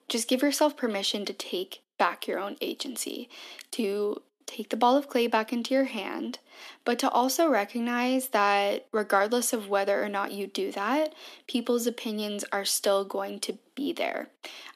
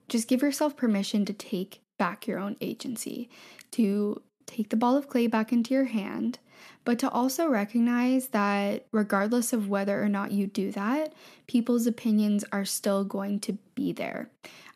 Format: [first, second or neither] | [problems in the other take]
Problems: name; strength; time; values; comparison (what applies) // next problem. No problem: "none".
second | thin; somewhat; fading below 300 Hz